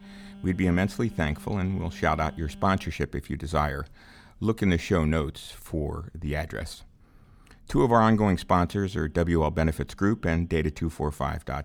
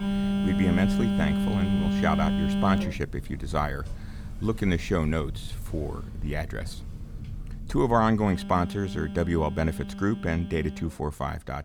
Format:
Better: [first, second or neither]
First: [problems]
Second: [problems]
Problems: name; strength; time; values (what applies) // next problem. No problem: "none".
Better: first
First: alarms or sirens; faint; throughout; 25 dB below the speech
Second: alarms or sirens; loud; throughout; 3 dB below the speech